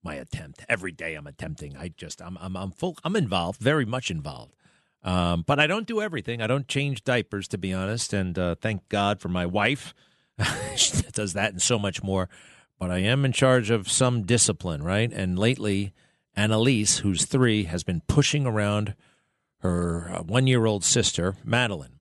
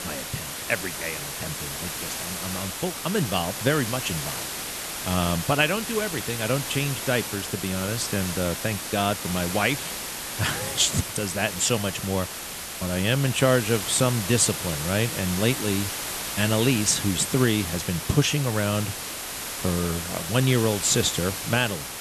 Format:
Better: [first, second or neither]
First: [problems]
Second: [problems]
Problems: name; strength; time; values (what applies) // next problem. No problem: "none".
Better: first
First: none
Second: hiss; loud; throughout; 5 dB below the speech